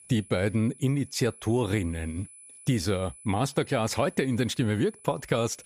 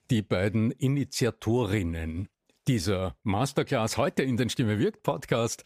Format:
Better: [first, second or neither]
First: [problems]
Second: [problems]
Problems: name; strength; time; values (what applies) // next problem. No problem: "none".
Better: second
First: high-pitched whine; faint; throughout; 10 kHz, 20 dB below the speech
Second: none